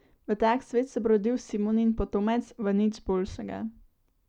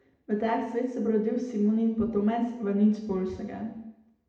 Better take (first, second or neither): first